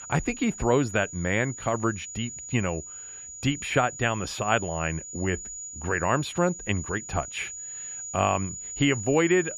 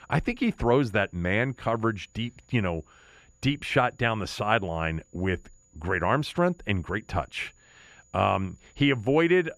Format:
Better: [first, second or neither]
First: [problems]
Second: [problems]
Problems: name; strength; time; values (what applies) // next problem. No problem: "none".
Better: second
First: high-pitched whine; loud; throughout; 7 kHz, 9 dB below the speech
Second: high-pitched whine; faint; throughout; 7 kHz, 35 dB below the speech